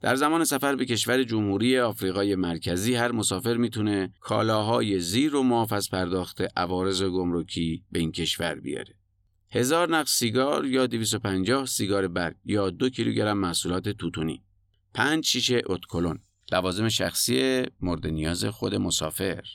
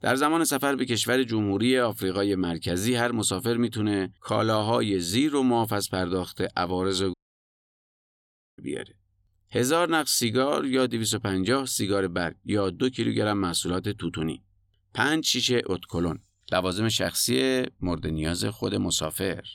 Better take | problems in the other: first | audio cutting out; at 7 s for 1.5 s

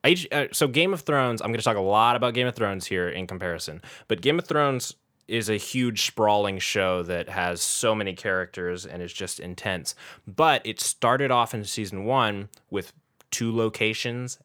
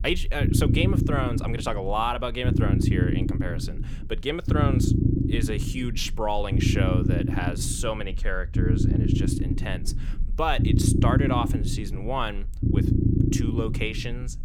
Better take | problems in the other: first | low rumble; loud; throughout; 3 dB below the speech

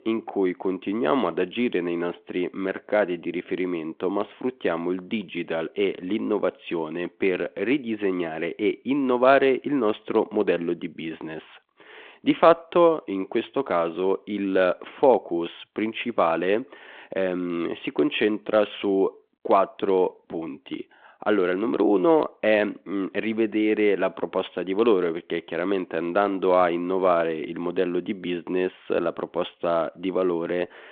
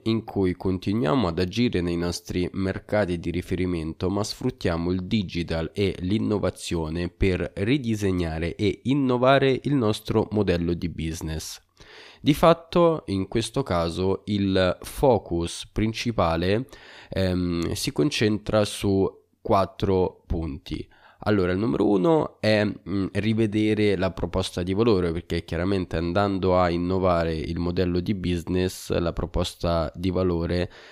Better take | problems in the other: second | phone-call audio

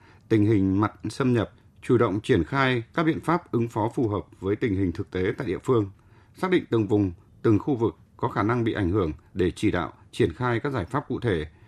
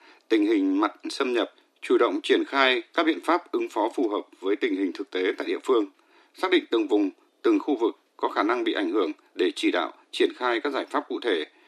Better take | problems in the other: first | thin; somewhat; fading below 300 Hz

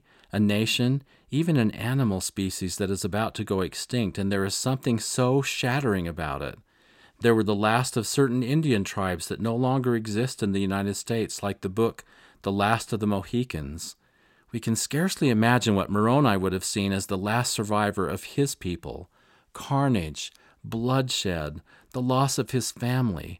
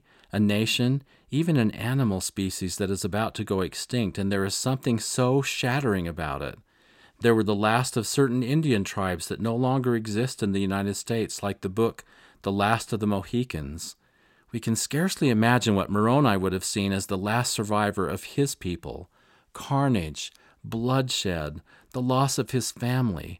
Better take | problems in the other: neither | none

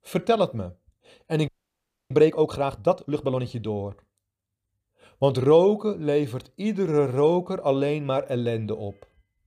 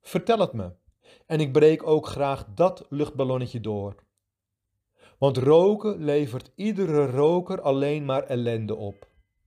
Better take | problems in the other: second | audio freezing; at 1.5 s for 0.5 s

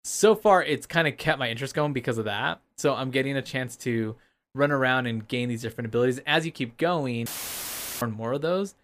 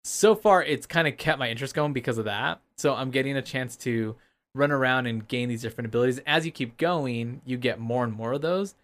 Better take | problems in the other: second | audio cutting out; filled with static; at 7.5 s for 1 s

